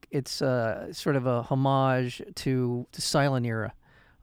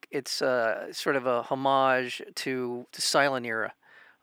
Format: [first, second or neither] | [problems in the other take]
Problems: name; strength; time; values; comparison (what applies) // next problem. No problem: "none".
first | thin; somewhat; fading below 400 Hz